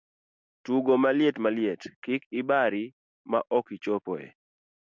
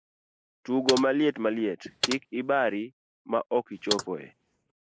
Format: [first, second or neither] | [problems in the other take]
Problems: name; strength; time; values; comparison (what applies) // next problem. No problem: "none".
first | noise reduction (neural mask model Resemble Enhance denoiser)